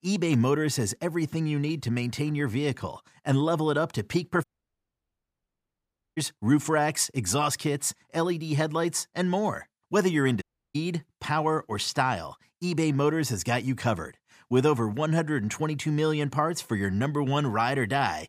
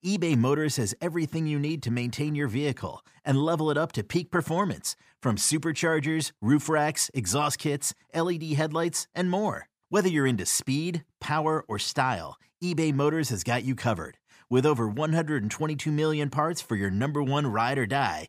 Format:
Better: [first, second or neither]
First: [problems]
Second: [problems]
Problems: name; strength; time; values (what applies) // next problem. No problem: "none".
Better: second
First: audio cutting out; at 4.5 s for 1.5 s and at 10 s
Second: none